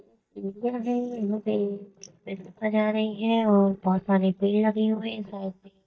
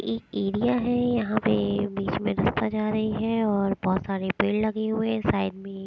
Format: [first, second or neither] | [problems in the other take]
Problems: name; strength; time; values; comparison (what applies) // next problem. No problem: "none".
second | noise reduction (neural mask model DeepFilterNet 3)